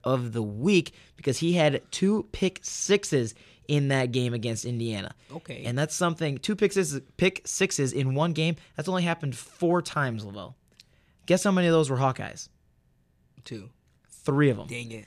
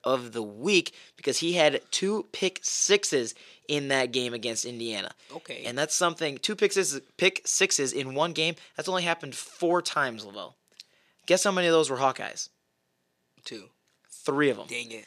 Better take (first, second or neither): first